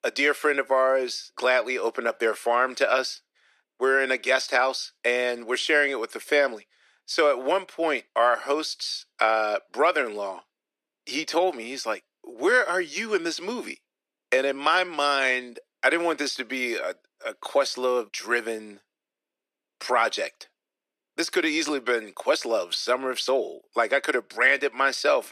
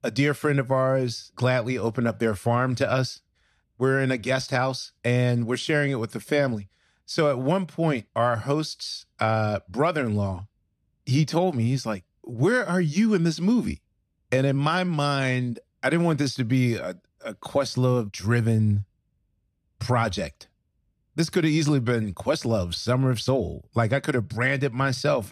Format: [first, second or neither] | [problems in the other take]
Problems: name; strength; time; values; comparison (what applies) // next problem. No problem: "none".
second | thin; very; fading below 350 Hz